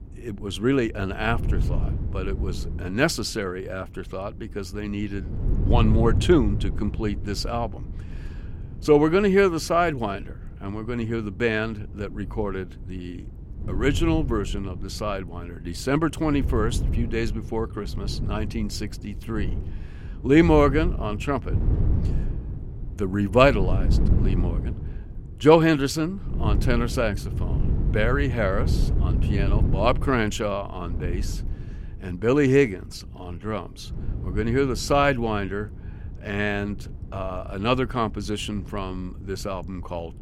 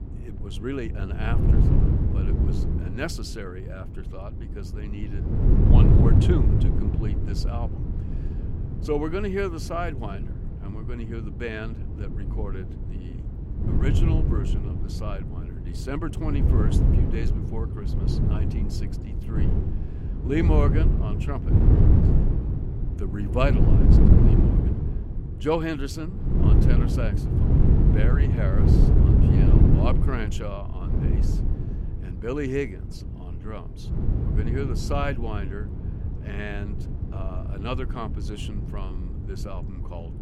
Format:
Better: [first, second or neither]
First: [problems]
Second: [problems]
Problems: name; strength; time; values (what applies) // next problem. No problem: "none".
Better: first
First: wind noise on the microphone; occasional gusts; 15 dB below the speech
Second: wind noise on the microphone; heavy; 1 dB below the speech